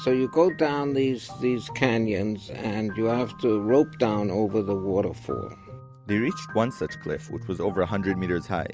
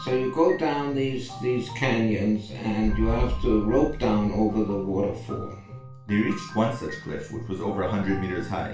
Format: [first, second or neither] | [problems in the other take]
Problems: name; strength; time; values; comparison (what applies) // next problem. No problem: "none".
first | background sound (Boom); 4 dB below the speech // room echo; dies away in 0.3 s